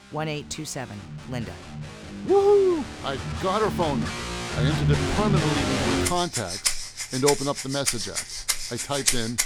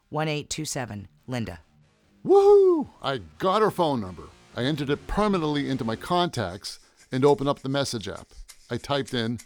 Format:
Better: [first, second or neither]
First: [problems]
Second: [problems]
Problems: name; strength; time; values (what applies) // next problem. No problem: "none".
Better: second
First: background music; loud; throughout; 1 dB below the speech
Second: background music; faint; throughout; 25 dB below the speech